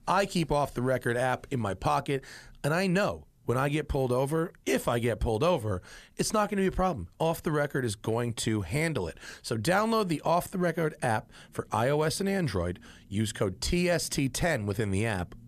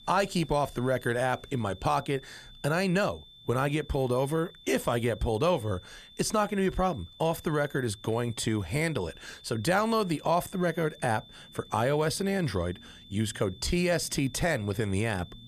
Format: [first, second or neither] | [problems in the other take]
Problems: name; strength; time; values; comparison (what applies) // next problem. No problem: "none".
first | high-pitched whine; faint; throughout; 3.5 kHz, 20 dB below the speech